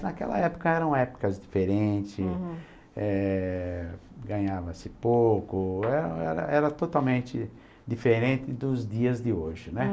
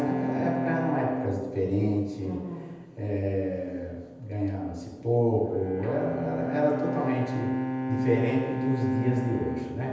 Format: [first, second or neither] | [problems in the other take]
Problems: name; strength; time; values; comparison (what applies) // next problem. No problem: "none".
first | background sound (Bowed string instrument); 5 dB below the speech // room echo; dies away in 1.1 s